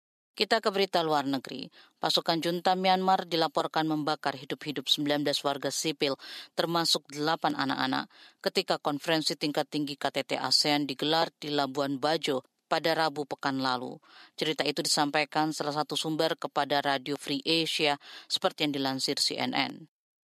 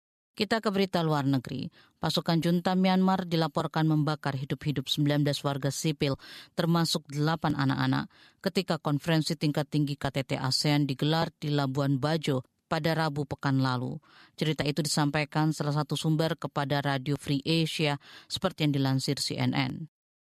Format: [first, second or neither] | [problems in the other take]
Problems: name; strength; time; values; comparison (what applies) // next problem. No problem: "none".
second | thin; somewhat; fading below 350 Hz